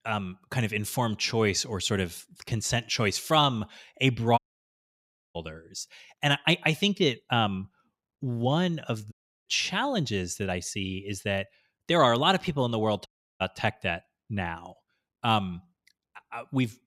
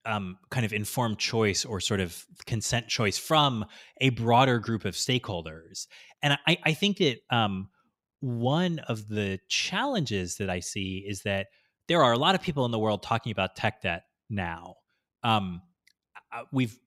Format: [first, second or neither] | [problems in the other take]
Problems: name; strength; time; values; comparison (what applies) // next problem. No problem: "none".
second | audio cutting out; at 4.5 s for 1 s, at 9 s and at 13 s